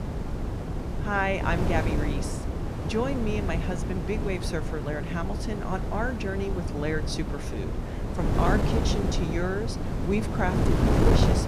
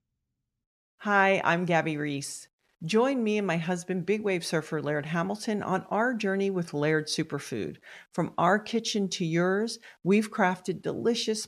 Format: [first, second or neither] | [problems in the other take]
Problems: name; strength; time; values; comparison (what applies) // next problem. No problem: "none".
second | wind noise on the microphone; heavy; 3 dB below the speech